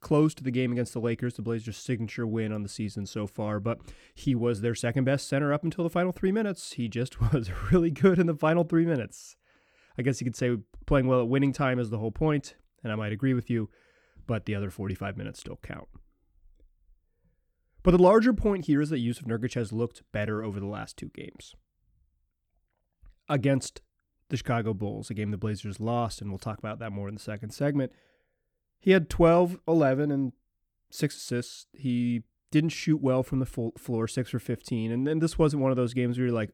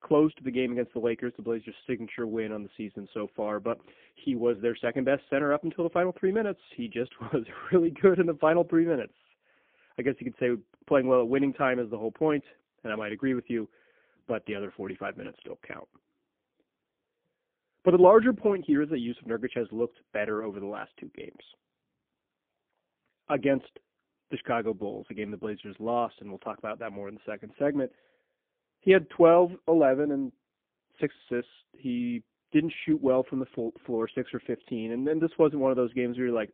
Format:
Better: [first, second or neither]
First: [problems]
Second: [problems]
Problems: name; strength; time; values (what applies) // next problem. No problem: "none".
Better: first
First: none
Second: phone-call audio; poor line